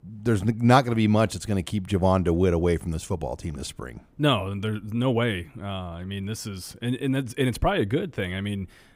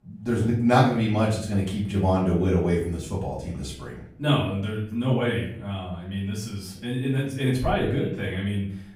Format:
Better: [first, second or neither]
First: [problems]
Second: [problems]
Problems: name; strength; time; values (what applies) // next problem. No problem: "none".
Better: first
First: none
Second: off-mic speech; far // room echo; noticeable; dies away in 0.5 s